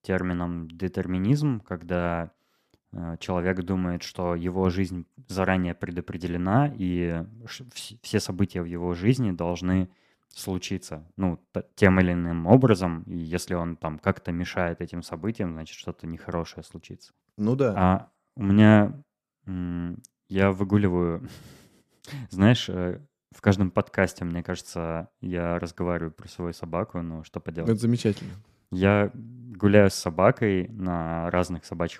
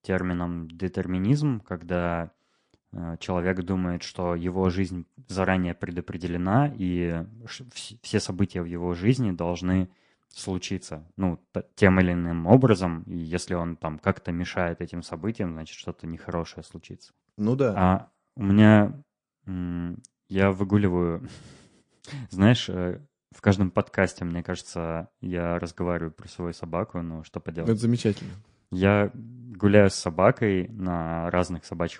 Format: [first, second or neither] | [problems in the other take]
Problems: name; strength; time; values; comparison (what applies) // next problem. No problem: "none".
first | garbled, watery; slightly; nothing above 8 kHz